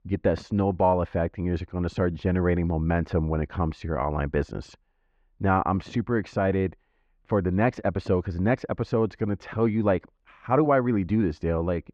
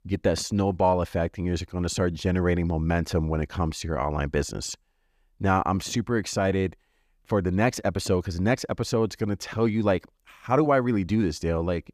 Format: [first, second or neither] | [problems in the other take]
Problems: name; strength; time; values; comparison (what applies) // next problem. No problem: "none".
second | muffled; very; fading above 2 kHz